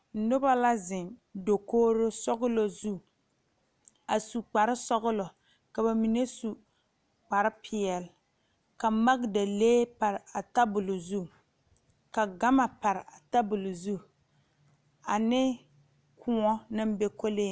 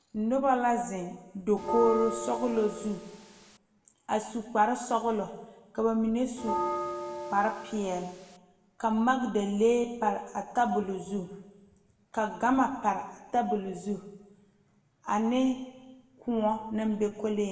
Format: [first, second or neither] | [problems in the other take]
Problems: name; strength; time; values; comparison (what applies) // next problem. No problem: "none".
first | background sound (Bell); 5 dB below the speech // room echo; dies away in 1.1 s